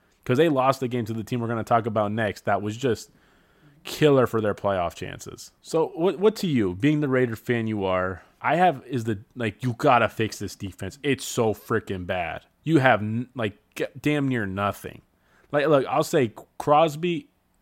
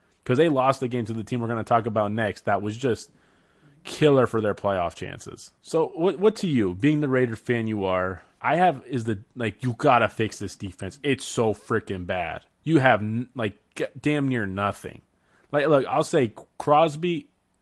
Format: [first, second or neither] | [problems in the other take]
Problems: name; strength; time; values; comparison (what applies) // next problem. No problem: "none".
first | garbled, watery; slightly